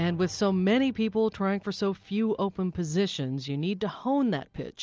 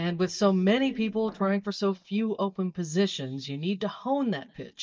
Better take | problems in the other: first | noise reduction (neural mask model DeepFilterNet 3)

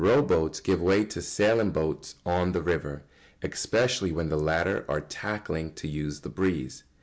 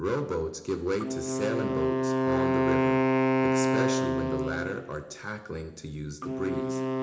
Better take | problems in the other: first | background sound (Wind instrument, woodwind instrument); 5 dB above the speech // room echo; dies away in 0.8 s

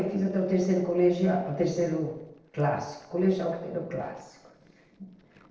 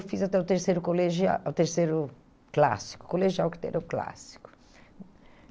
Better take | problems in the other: second | noise reduction (neural separator model SepFormer DNS4)

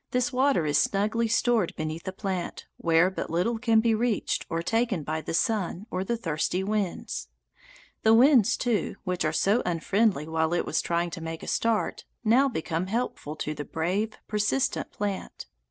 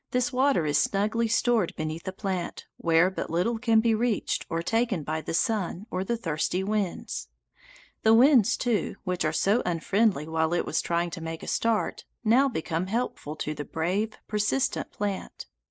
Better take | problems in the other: first | noise reduction (neural mask model Resemble Enhance denoiser)

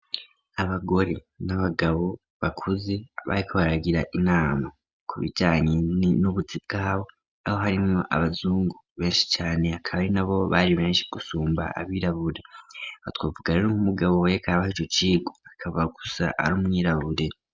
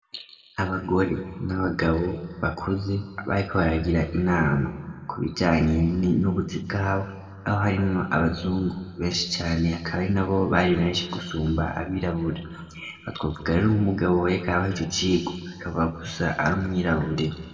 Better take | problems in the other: first | room echo; dies away in 1.5 s

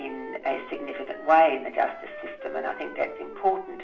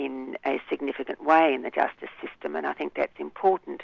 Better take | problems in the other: second | background sound (Wind instrument, woodwind instrument); 14 dB below the speech // room echo; dies away in 0.4 s

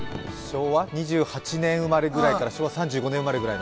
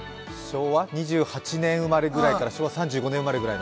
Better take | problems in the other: second | background sound (Fireworks); 17 dB below the speech

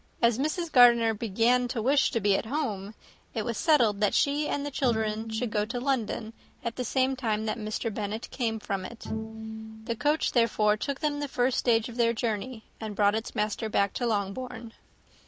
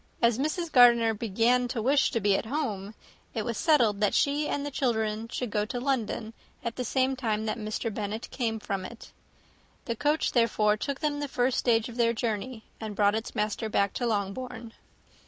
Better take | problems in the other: second | background sound (Bowed string instrument); 11 dB below the speech

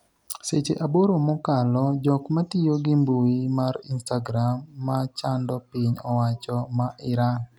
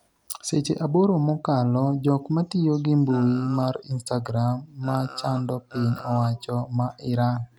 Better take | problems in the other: first | background sound (Burping, eructation); 17 dB below the speech

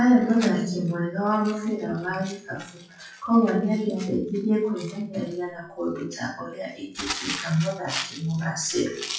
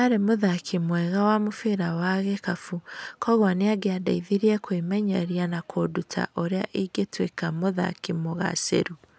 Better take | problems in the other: second | noise reduction (classical method WPE with log-MMSE)

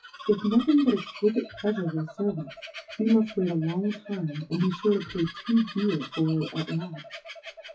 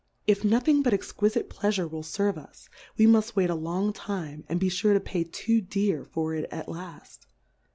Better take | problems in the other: second | noise reduction (classical method WPE with log-MMSE)

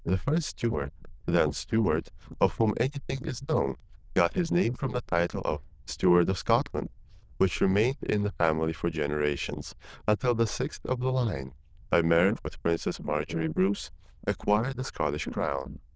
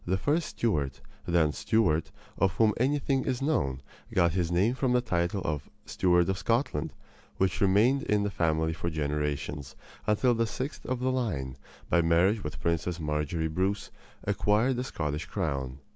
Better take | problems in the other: second | noise reduction (neural diffusion model UNIVERSE++)

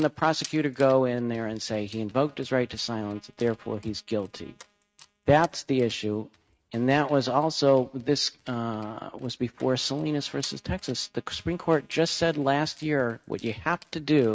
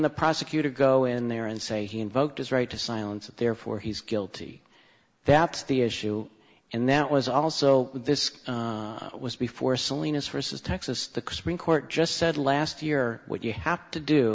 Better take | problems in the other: second | noise reduction (neural mask model RNNoise)

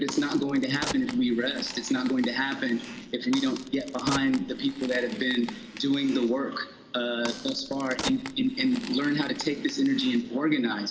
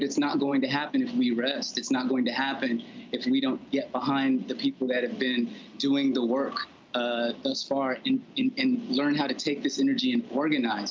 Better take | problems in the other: second | background sound (Crack); 13 dB below the speech // room echo; dies away in 1.5 s

